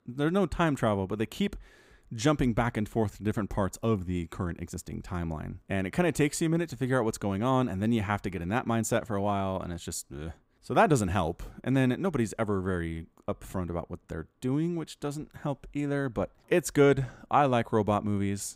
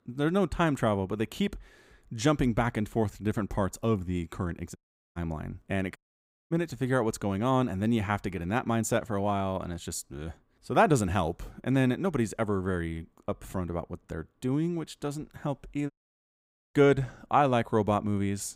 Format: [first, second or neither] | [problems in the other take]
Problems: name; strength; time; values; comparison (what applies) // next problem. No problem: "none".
first | audio cutting out; at 5 s, at 6 s for 0.5 s and at 16 s for 1 s